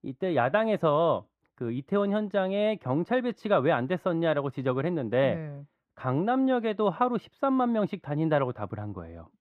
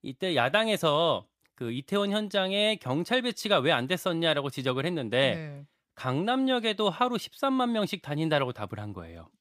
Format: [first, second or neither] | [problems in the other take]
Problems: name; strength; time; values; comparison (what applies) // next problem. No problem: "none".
second | muffled; very; fading above 3 kHz